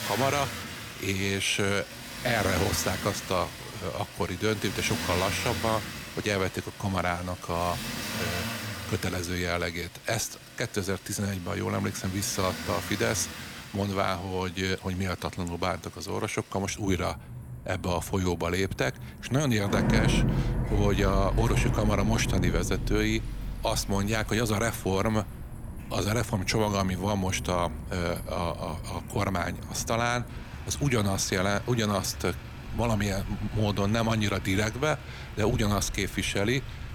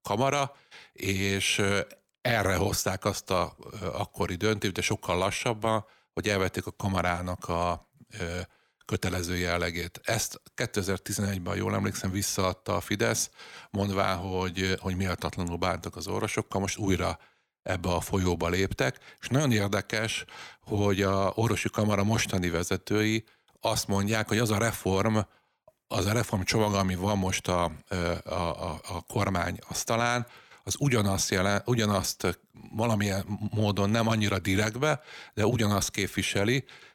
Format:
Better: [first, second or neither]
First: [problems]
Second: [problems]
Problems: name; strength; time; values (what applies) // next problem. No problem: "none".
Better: second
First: traffic noise; loud; throughout; 6 dB below the speech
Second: none